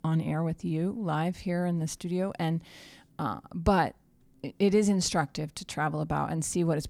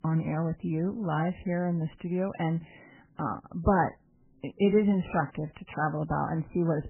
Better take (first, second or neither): first